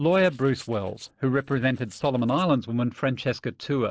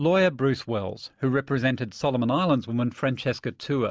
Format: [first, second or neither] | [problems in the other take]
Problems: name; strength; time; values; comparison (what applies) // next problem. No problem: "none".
second | noise reduction (neural separator model SepFormer DNS4)